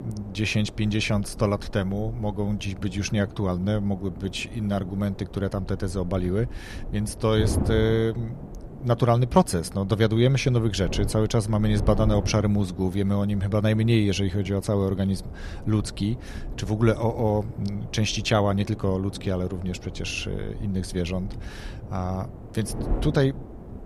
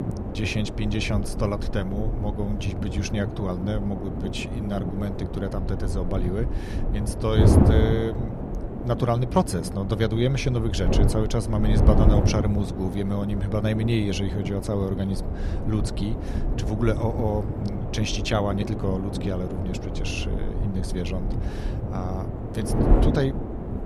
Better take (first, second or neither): first